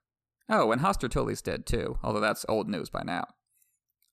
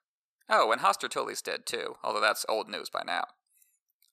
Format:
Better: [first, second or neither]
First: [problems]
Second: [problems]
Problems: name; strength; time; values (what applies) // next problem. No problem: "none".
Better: first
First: none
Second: thin; very; fading below 650 Hz